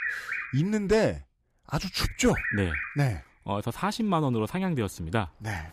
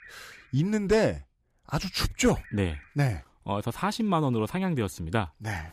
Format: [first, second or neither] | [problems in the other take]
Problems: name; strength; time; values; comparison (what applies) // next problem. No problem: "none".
second | animal sounds; loud; throughout; 5 dB below the speech; faint in the second